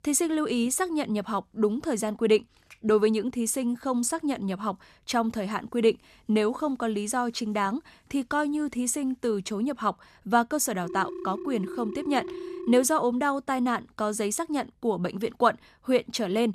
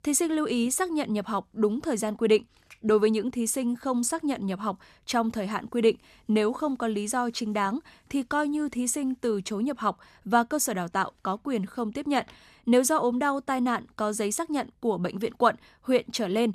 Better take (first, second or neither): second